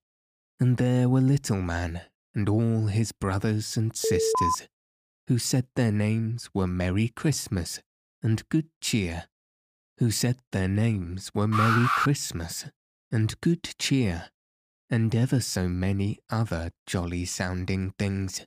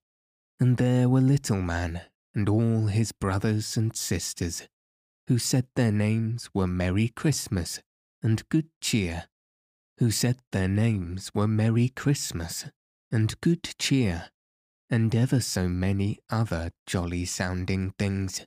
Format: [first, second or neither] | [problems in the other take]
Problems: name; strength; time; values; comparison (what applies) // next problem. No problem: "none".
second | alarm; loud; at 4 s and at 12 s; peak 3 dB above the speech